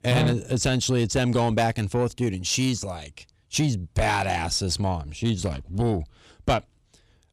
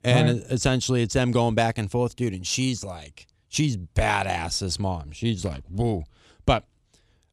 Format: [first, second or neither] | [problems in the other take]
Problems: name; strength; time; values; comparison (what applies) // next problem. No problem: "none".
second | distortion; slight; 10 dB below the speech